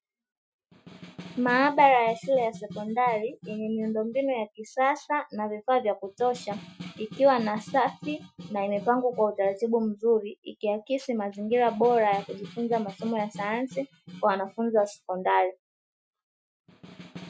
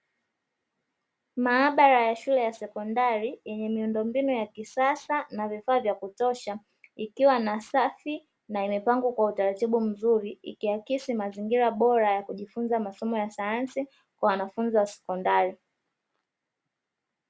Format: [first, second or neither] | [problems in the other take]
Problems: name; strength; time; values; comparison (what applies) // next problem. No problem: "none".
second | noise reduction (classical method Wiener filter)